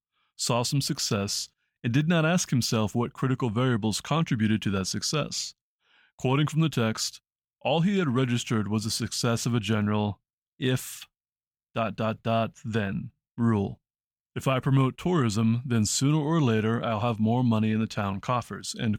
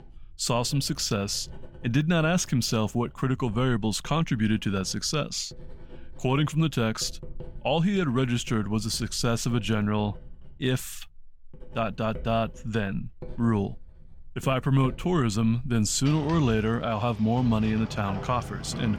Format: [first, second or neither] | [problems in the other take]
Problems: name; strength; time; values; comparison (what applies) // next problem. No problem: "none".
first | household noises; noticeable; throughout; 15 dB below the speech